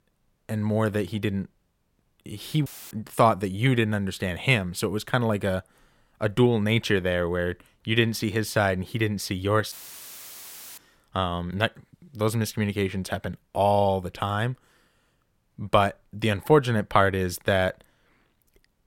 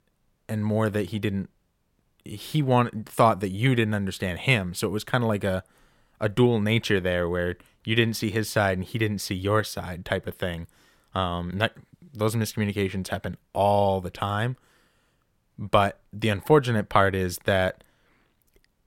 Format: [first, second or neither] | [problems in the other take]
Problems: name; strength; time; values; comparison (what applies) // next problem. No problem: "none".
second | audio cutting out; filled with static; at 2.5 s and at 9.5 s for 1 s